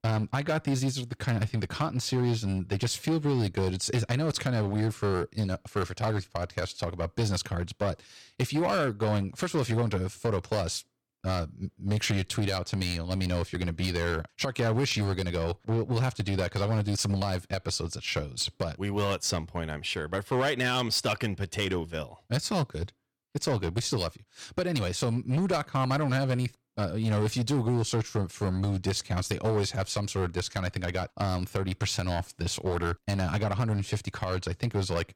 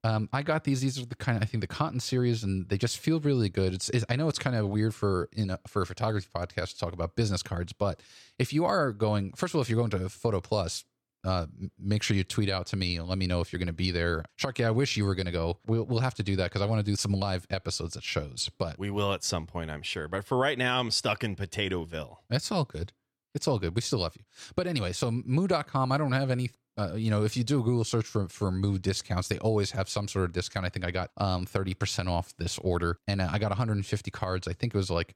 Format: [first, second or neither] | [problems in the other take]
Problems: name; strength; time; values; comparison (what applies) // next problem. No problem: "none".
second | distortion; slight; 9% of the sound clipped